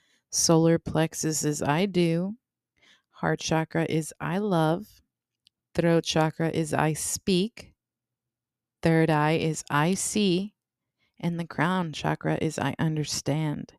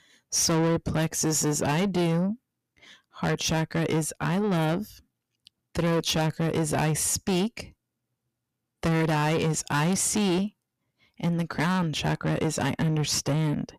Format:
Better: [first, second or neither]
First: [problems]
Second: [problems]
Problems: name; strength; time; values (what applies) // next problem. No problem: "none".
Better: first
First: none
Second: distortion; heavy; 6 dB below the speech